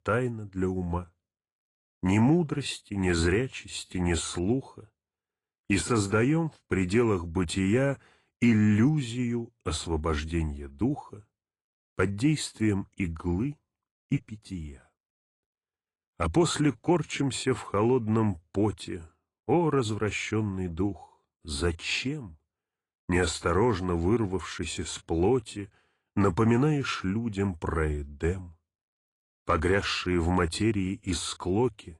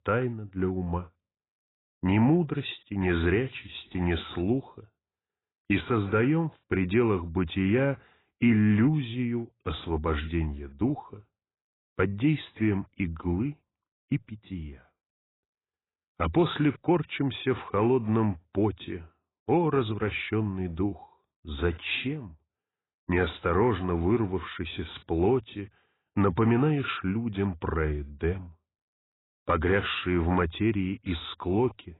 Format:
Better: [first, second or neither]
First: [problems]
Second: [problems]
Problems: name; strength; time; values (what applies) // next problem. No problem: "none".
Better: first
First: garbled, watery; slightly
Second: garbled, watery; badly; nothing above 4 kHz